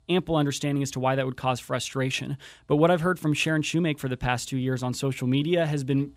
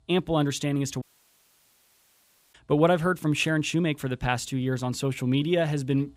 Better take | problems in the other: first | audio cutting out; at 1 s for 1.5 s

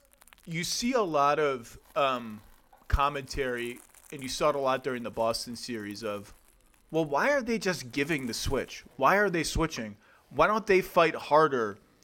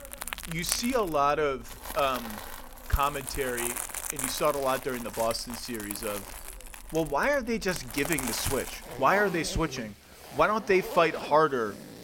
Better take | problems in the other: first | household noises; loud; throughout; 8 dB below the speech; faint in the first

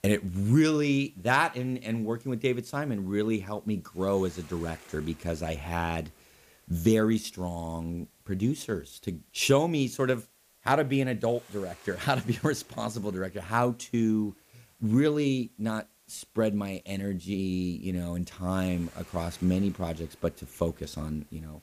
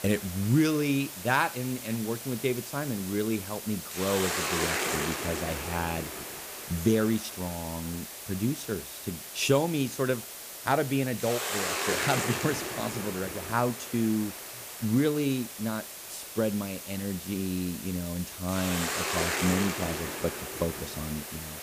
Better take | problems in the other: first | hiss; loud; throughout; 4 dB below the speech; faint in the first

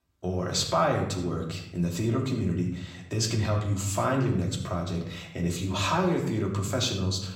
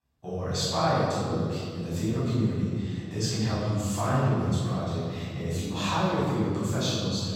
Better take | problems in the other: first | room echo; strong; dies away in 2.4 s; slight in the first // off-mic speech; far; far in the first

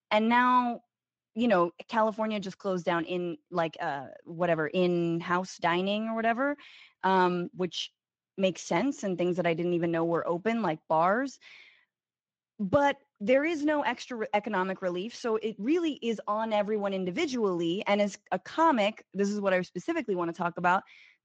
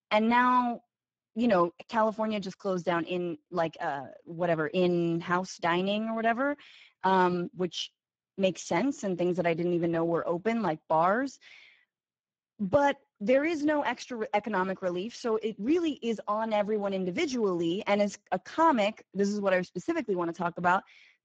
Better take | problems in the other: first | garbled, watery; badly; nothing above 7.5 kHz; slightly in the first

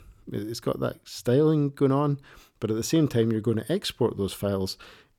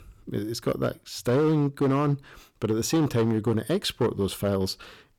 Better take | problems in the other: first | distortion; slight; 8% of the sound clipped

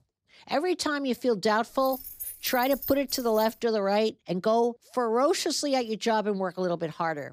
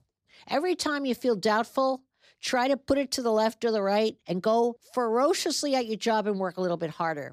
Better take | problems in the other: second | jangling keys; noticeable; from 1.5 to 3.5 s; peak 7 dB below the speech

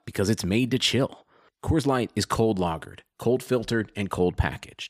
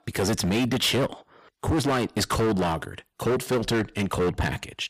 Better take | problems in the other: first | distortion; heavy; 18% of the sound clipped

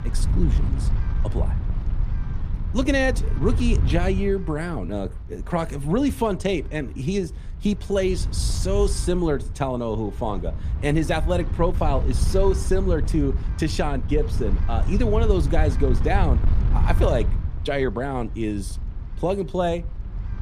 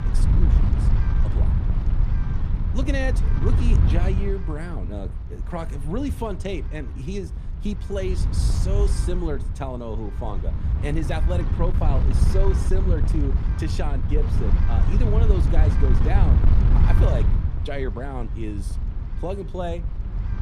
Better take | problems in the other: first | wind noise on the microphone; heavy; 5 dB below the speech; occasional gusts in the first

